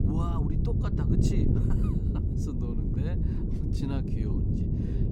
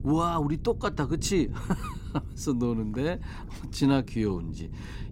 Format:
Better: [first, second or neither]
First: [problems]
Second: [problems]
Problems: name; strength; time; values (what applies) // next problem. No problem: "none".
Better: second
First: wind noise on the microphone; heavy; 4 dB above the speech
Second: wind noise on the microphone; occasional gusts; 20 dB below the speech